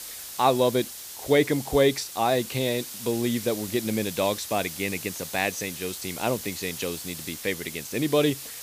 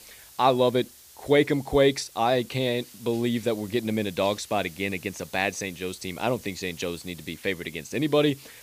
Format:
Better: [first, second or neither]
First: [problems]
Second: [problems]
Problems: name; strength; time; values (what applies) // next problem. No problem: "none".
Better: second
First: hiss; loud; throughout; 9 dB below the speech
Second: hiss; faint; throughout; 20 dB below the speech